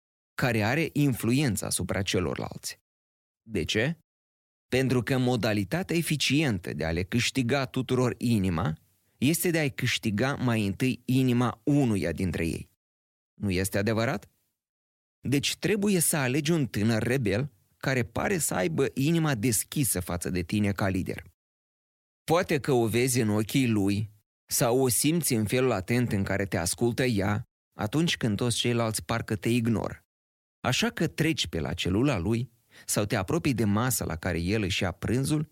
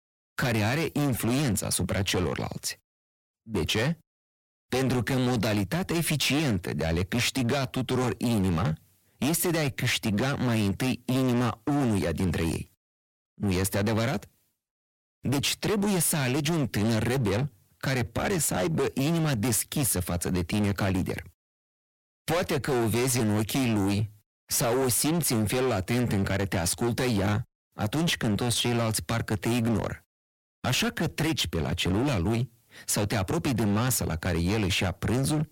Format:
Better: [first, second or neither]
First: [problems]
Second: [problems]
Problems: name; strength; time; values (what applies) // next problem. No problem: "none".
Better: first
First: none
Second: distortion; heavy; 24% of the sound clipped